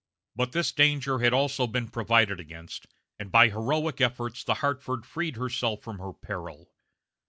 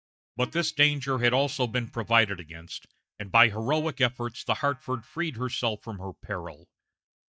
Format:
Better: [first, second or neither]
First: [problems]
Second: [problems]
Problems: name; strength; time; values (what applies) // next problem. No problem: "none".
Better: first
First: none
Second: noise reduction (neural mask model DeepFilterNet 3)